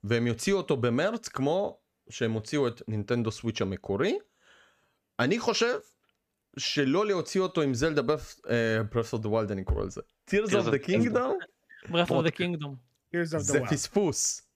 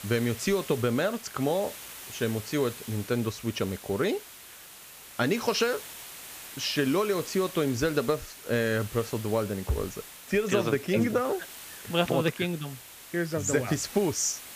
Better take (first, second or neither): first